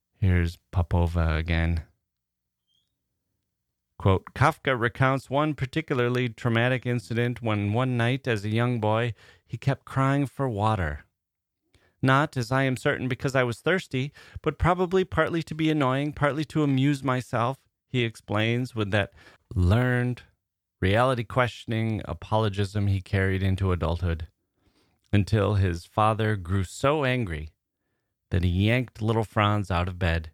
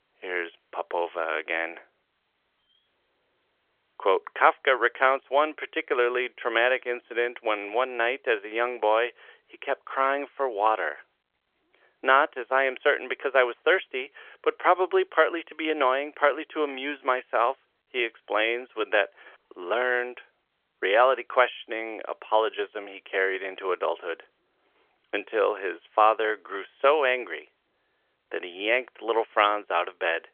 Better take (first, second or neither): first